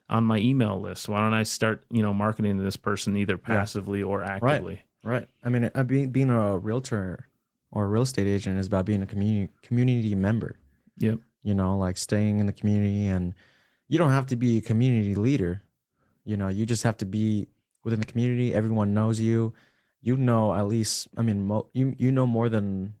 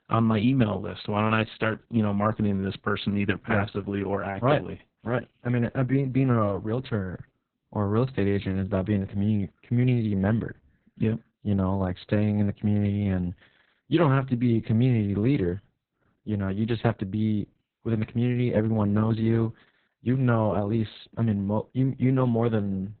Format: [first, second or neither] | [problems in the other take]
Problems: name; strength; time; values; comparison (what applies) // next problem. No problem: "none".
first | garbled, watery; badly; nothing above 4 kHz; slightly in the first